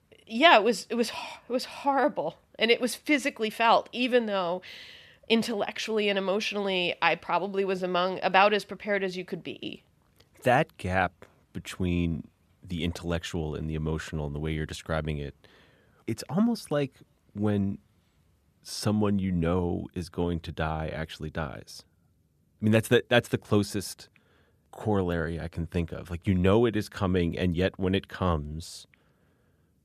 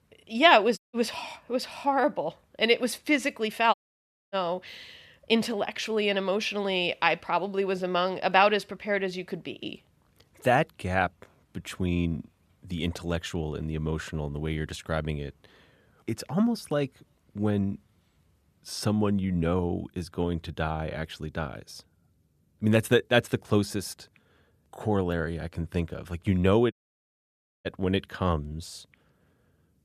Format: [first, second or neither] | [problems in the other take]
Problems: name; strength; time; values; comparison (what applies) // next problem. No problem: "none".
first | audio cutting out; at 1 s, at 3.5 s for 0.5 s and at 27 s for 1 s